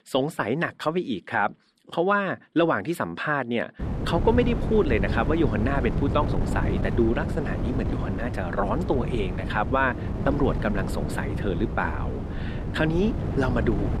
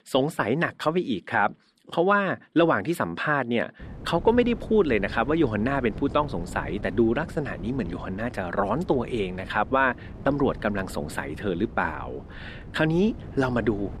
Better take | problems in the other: second | wind noise on the microphone; heavy; from 4 s on; 9 dB below the speech; occasional gusts in the second

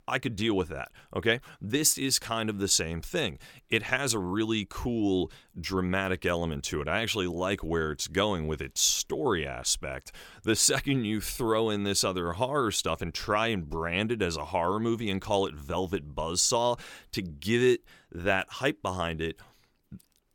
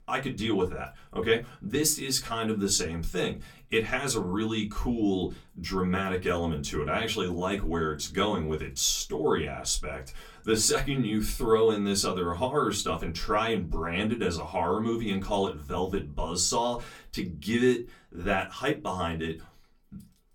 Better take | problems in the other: first | off-mic speech; far // room echo; very slight; dies away in 0.2 s

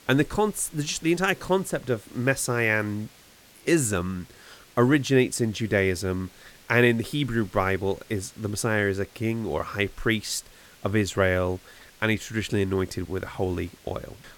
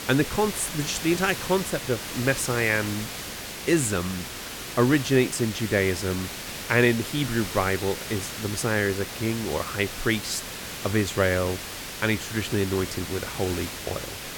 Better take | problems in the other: first | hiss; loud; throughout; 7 dB below the speech; faint in the first

